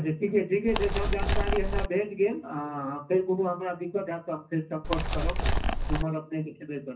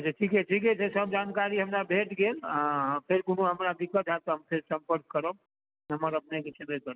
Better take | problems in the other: second | background sound (Animal); 3 dB above the speech // room echo; dies away in 0.4 s

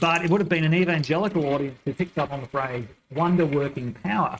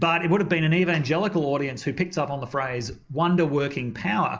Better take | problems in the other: second | noise reduction (neural mask model RNNoise)

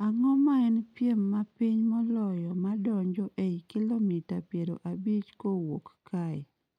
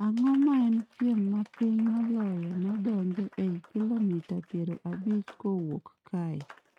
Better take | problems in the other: first | noise reduction (neural mask model RNNoise)

